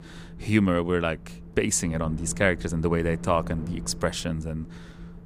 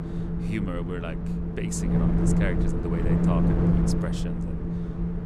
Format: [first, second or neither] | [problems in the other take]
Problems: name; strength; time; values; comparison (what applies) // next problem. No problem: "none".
first | wind noise on the microphone; heavy; 3 dB above the speech; occasional gusts in the first